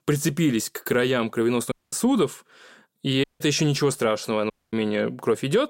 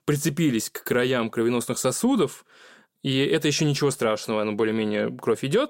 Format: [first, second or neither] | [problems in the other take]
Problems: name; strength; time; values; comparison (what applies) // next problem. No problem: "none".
second | audio cutting out; at 1.5 s, at 3 s and at 4.5 s